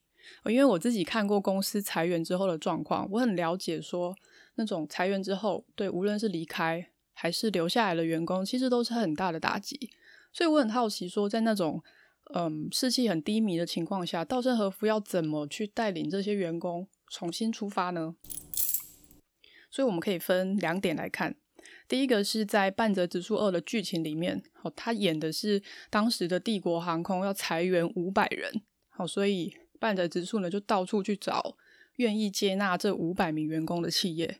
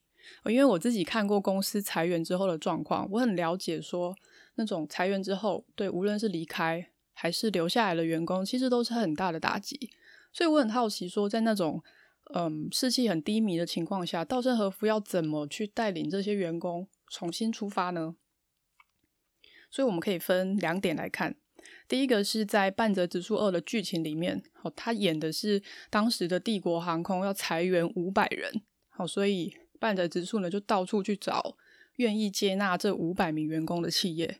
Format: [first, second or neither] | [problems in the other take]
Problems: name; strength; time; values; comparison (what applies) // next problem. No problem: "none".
second | jangling keys; loud; at 18 s; peak 2 dB above the speech